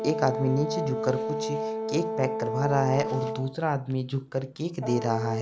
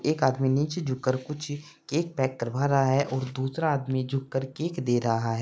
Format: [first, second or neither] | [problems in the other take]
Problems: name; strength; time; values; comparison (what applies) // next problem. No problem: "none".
second | background sound (Brass instrument); 4 dB below the speech